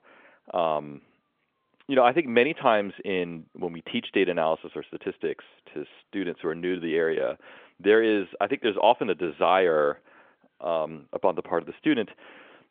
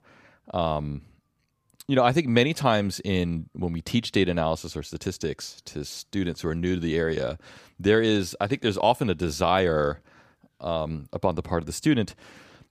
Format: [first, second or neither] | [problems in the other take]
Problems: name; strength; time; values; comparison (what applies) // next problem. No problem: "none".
second | phone-call audio; nothing above 3.5 kHz